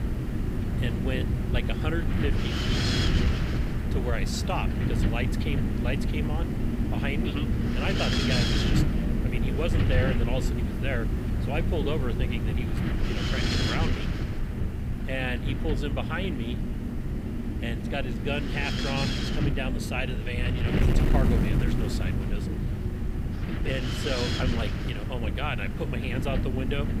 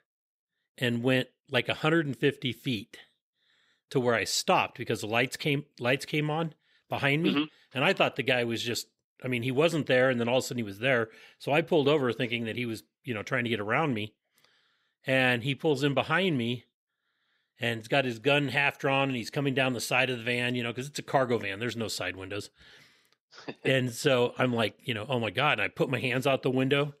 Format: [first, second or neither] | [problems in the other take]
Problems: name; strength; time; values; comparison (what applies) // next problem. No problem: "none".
second | wind noise on the microphone; heavy; 1 dB below the speech